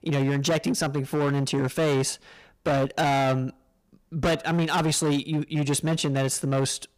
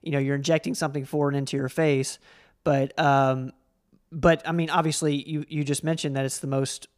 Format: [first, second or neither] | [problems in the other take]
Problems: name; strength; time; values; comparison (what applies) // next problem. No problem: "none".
second | distortion; heavy; 17% of the sound clipped